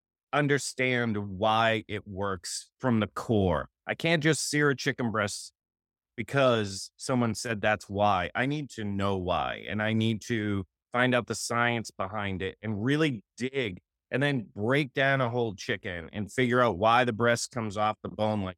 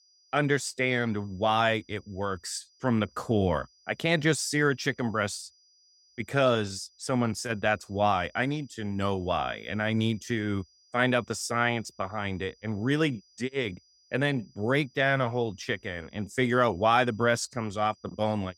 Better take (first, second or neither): first